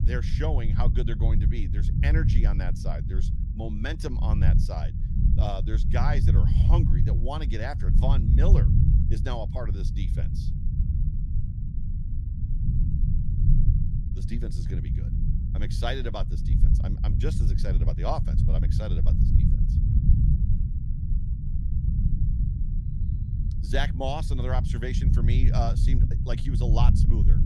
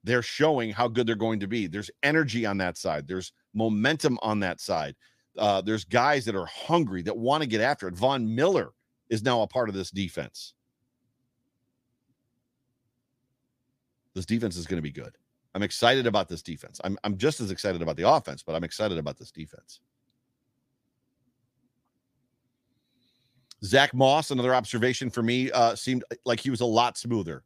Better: second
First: low rumble; loud; throughout; 5 dB below the speech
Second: none

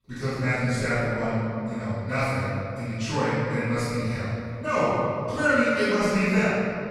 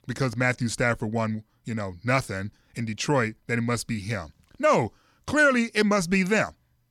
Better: second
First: off-mic speech; far // room echo; strong; dies away in 2.4 s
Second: none

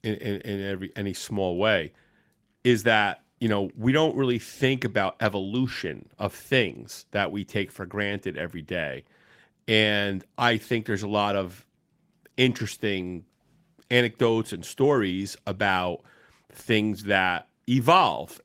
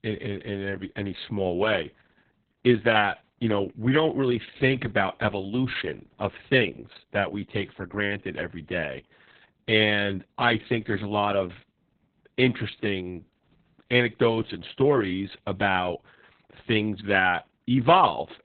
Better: first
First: garbled, watery; slightly; nothing above 16 kHz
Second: garbled, watery; badly; nothing above 3.5 kHz

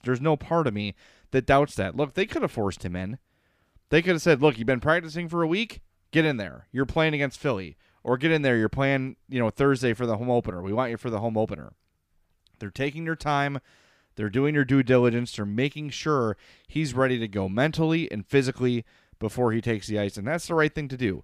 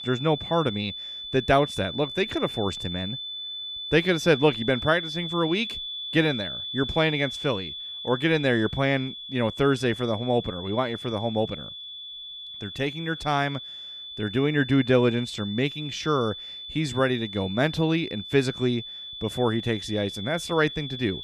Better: first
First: none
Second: high-pitched whine; loud; throughout; 3.5 kHz, 8 dB below the speech

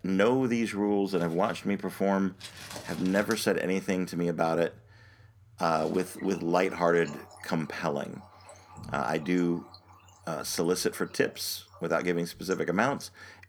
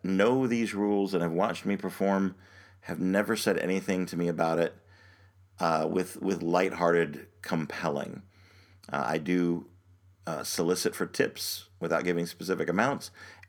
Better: second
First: household noises; faint; throughout; 20 dB below the speech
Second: none

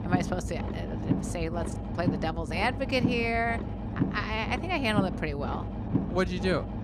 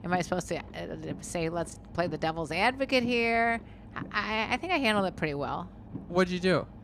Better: second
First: low rumble; loud; throughout; 8 dB below the speech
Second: low rumble; faint; throughout; 25 dB below the speech

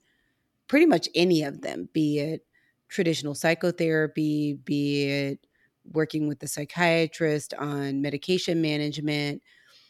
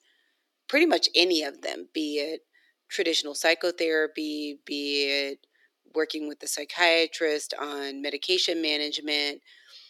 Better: first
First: none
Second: thin; somewhat; fading below 350 Hz

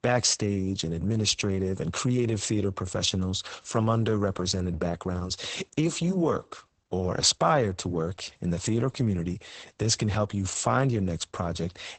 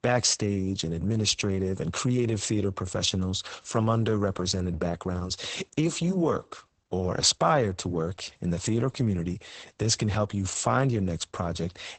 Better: neither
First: garbled, watery; badly; nothing above 8 kHz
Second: garbled, watery; badly; nothing above 8 kHz

